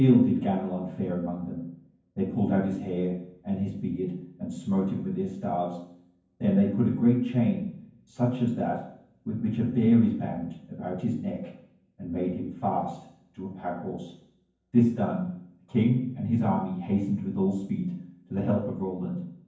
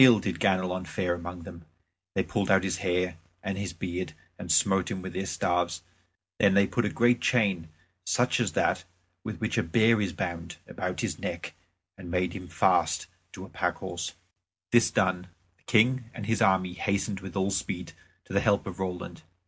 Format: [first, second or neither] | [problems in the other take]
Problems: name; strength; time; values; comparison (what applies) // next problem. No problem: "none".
second | room echo; dies away in 0.9 s